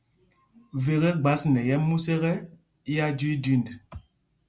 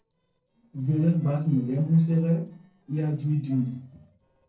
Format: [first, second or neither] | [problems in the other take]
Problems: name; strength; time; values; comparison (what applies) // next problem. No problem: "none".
first | noise reduction (neural separator model SepFormer DNS4)